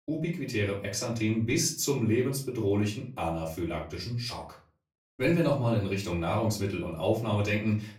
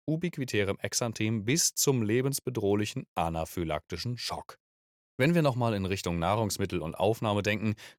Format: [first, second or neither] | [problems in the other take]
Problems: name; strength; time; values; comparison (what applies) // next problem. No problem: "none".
second | room echo; slight; dies away in 0.3 s // off-mic speech; far